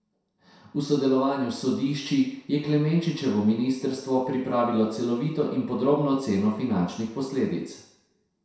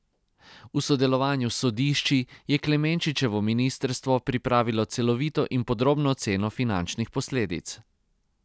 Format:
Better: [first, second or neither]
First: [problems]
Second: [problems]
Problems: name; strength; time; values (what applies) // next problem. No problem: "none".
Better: second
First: room echo; dies away in 0.7 s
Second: none